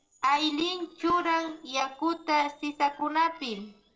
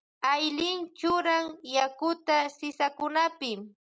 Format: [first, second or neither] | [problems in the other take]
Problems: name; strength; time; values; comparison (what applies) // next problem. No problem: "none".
second | noise reduction (neural separator model SepFormer DNS4)